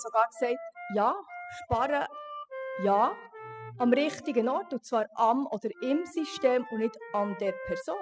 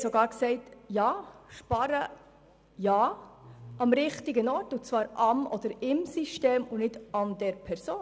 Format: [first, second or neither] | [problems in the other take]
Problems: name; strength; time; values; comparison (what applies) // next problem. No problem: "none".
second | noise reduction (classical method spectral subtraction)